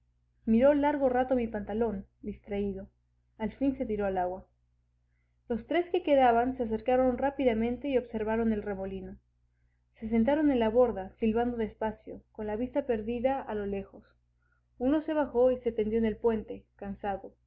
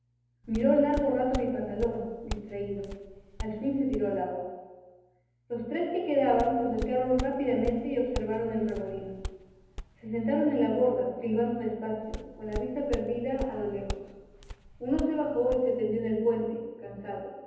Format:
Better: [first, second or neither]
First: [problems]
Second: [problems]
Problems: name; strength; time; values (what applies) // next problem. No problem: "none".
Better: first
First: none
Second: background sound (Walk, footsteps); 11 dB below the speech // room echo; dies away in 1.1 s